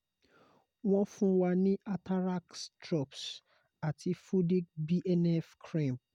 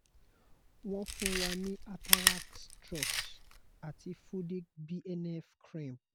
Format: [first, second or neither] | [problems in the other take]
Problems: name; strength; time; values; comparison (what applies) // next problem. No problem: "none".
first | background sound (Chewing, mastication); 5 dB above the speech